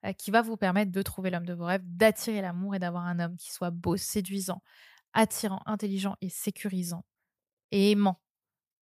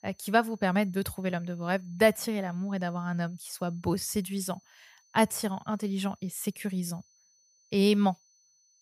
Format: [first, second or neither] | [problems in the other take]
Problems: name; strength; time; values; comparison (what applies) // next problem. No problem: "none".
first | high-pitched whine; faint; throughout; 6 kHz, 35 dB below the speech